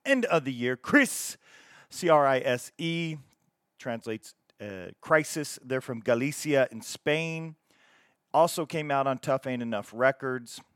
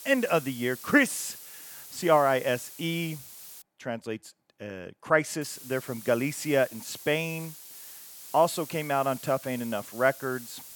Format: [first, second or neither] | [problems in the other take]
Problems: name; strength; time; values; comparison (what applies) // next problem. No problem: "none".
first | hiss; noticeable; until 3.5 s and from 5.5 s on; 15 dB below the speech